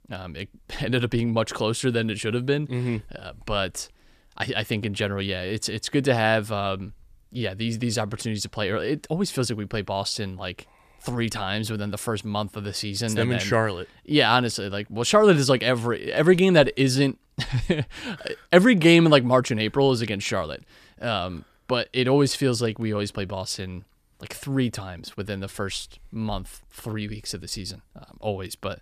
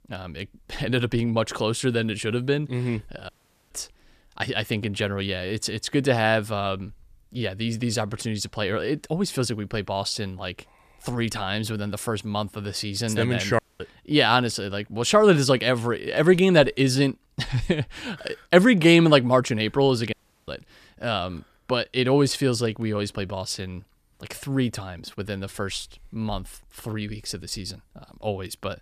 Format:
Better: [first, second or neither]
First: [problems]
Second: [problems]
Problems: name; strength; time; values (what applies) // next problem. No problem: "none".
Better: first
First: none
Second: audio cutting out; at 3.5 s, at 14 s and at 20 s